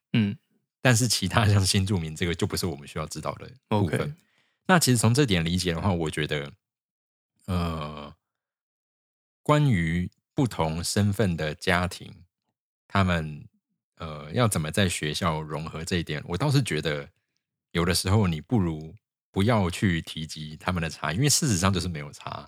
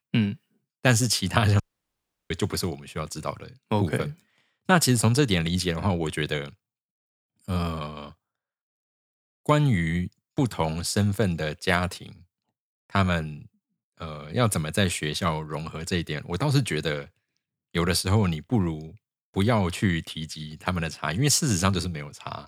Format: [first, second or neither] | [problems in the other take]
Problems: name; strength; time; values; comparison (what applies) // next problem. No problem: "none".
first | audio cutting out; at 1.5 s for 0.5 s